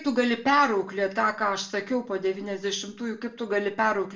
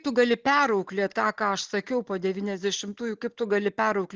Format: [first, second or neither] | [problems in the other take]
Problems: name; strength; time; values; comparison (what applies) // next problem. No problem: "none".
second | room echo; dies away in 0.4 s